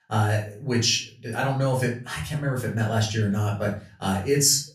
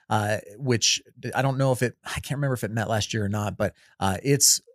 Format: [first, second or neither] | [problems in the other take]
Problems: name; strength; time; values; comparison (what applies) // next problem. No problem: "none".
second | room echo; slight; dies away in 0.3 s // off-mic speech; far